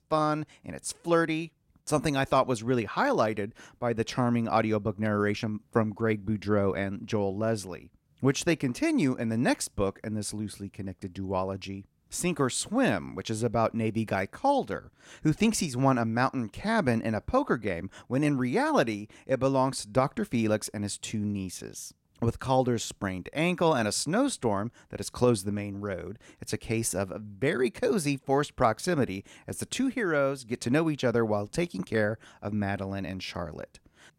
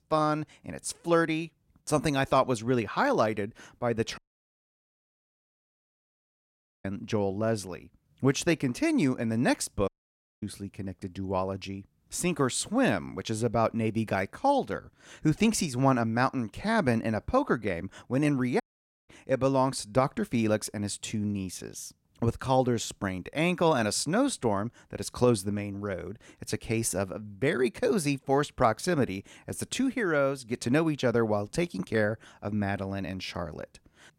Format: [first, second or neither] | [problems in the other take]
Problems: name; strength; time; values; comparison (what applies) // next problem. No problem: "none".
first | audio cutting out; at 4 s for 2.5 s, at 10 s for 0.5 s and at 19 s